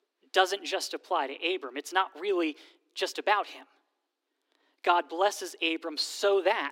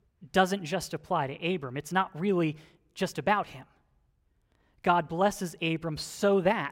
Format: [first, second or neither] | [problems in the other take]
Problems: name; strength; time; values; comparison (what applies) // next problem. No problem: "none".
second | thin; very; fading below 250 Hz